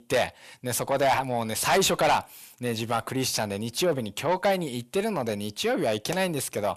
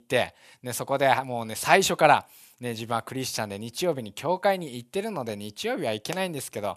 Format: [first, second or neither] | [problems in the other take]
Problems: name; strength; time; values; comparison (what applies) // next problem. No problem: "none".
second | distortion; heavy; 6 dB below the speech